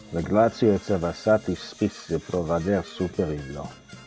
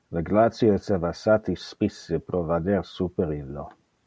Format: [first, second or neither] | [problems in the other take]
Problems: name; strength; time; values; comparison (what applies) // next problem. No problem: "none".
second | background sound (Brass instrument / Percussion); 19 dB below the speech